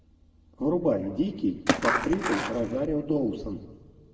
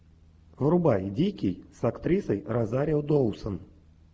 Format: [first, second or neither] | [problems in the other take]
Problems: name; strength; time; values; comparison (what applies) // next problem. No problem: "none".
second | background sound (Skateboard); 1 dB above the speech // room echo; dies away in 1.2 s